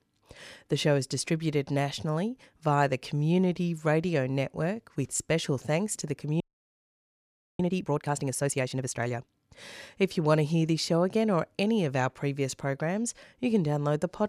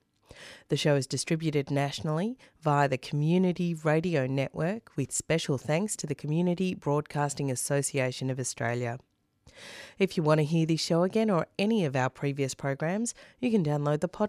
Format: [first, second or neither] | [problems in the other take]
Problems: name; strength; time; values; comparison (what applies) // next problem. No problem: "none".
second | audio freezing; at 6.5 s for 1 s